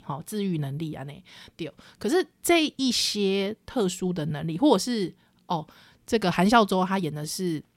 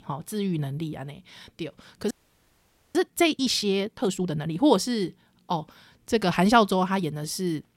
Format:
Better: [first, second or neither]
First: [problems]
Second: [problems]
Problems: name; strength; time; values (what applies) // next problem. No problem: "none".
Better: first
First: none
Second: audio freezing; at 2 s for 1 s